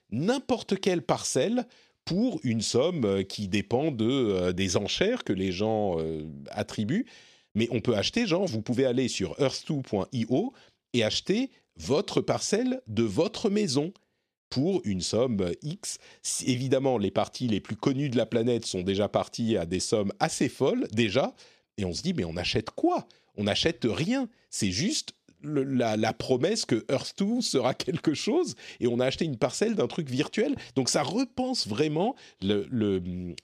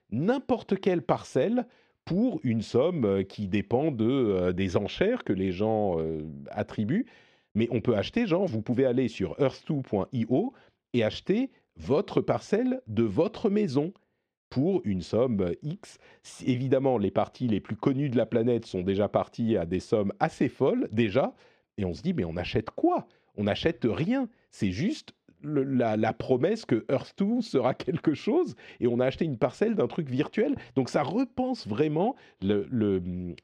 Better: first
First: none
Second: muffled; very; fading above 3.5 kHz

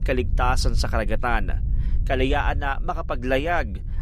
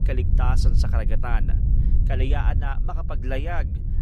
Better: first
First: low rumble; faint; throughout; 20 dB below the speech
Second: low rumble; loud; throughout; 8 dB below the speech

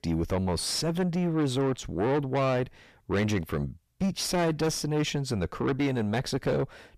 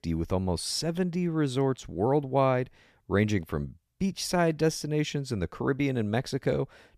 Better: second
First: distortion; heavy; 6 dB below the speech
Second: none

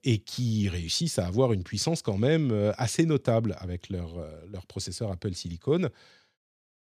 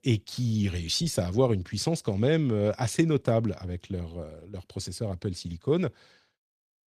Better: first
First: none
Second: garbled, watery; slightly; nothing above 14 kHz

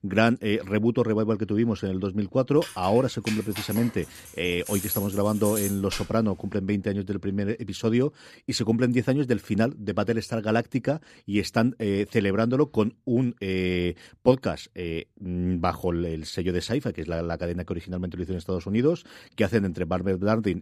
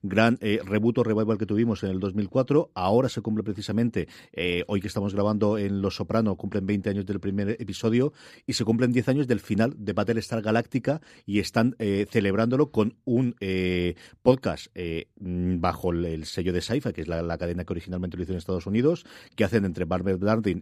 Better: second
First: jangling keys; noticeable; from 2.5 to 6 s; peak 3 dB below the speech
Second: none

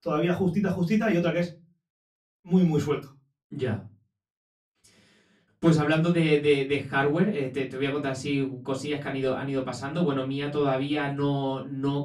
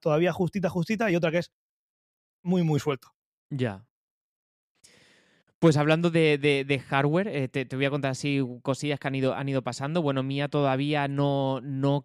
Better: second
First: off-mic speech; far // room echo; very slight; dies away in 0.2 s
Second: none

